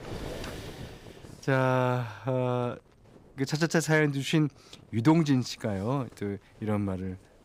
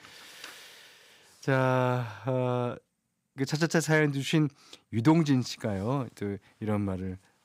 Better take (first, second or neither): second